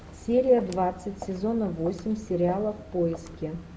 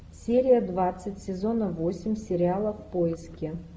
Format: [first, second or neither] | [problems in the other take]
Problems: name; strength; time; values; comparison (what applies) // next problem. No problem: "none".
second | background sound (Walk, footsteps); 18 dB below the speech